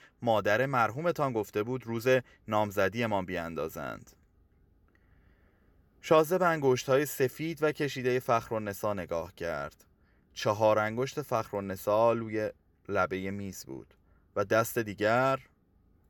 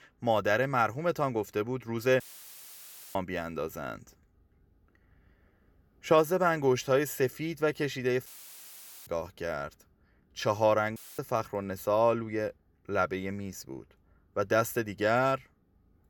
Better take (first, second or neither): first